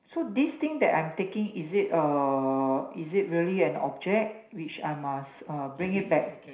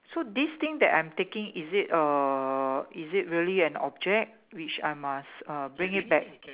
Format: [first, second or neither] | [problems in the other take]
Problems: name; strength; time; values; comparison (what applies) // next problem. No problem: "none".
second | room echo; dies away in 0.5 s